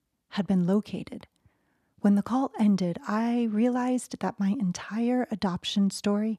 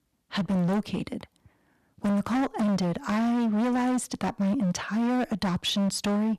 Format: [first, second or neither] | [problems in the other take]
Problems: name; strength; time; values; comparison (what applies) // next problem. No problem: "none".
first | distortion; heavy; 27% of the sound clipped